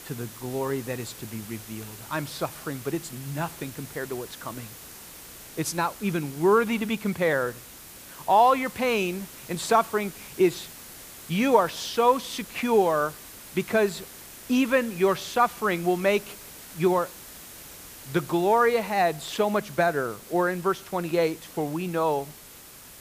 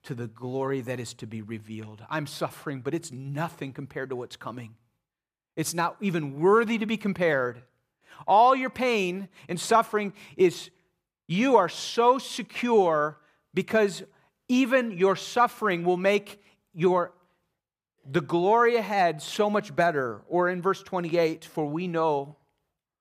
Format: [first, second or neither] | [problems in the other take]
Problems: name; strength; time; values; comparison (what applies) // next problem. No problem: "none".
second | hiss; noticeable; throughout; 15 dB below the speech